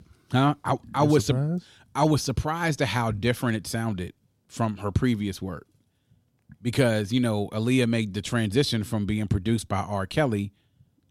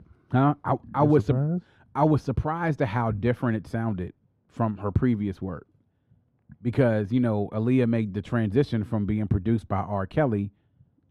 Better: first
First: none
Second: muffled; very; fading above 2.5 kHz

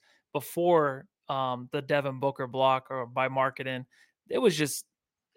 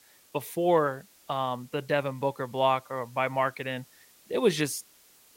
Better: first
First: none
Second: hiss; faint; throughout; 25 dB below the speech

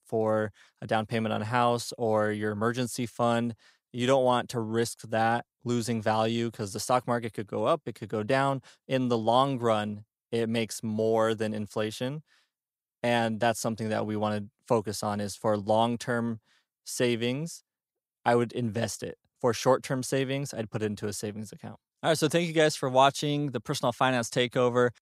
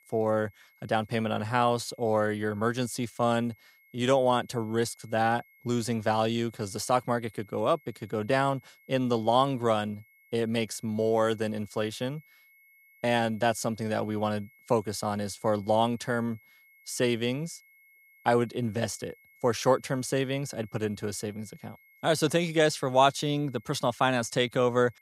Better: first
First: none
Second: high-pitched whine; faint; throughout; 2 kHz, 30 dB below the speech

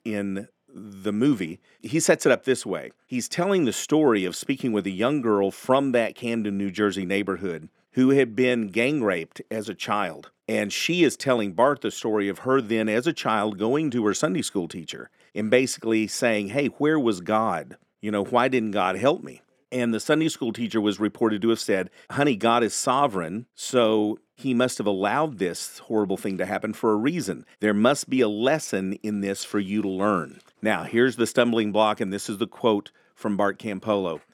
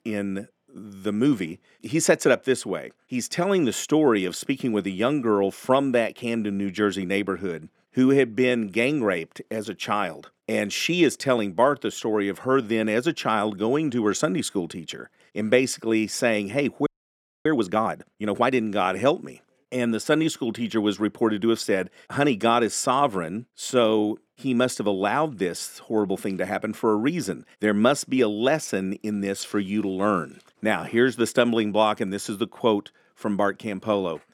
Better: first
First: none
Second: audio freezing; at 17 s for 0.5 s

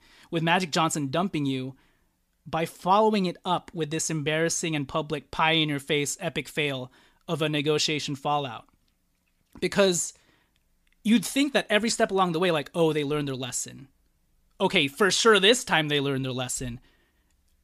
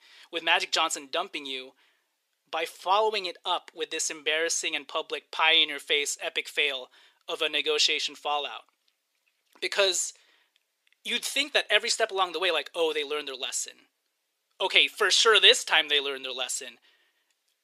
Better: first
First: none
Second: thin; very; fading below 400 Hz

